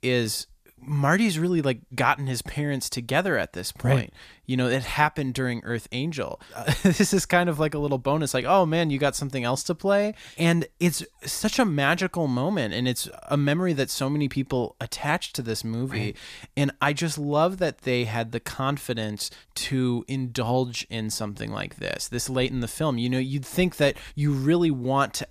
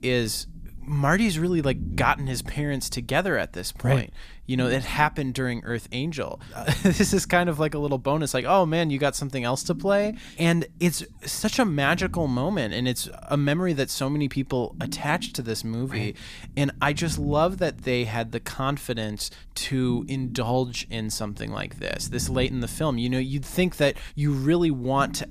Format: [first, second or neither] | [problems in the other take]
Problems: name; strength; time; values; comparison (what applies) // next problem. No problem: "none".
first | low rumble; faint; throughout; 20 dB below the speech